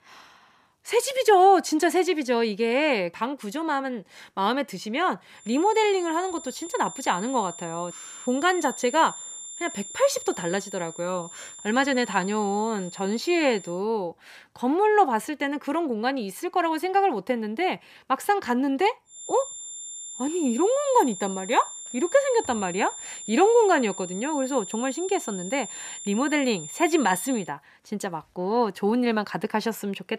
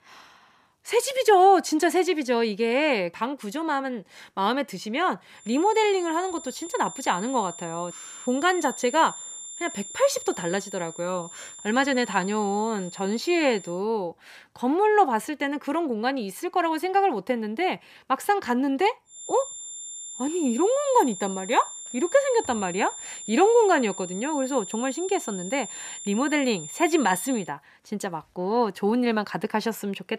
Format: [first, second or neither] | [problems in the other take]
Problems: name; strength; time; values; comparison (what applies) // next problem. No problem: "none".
neither | high-pitched whine; noticeable; from 5.5 to 14 s and from 19 to 27 s; 7 kHz, 10 dB below the speech; the same in both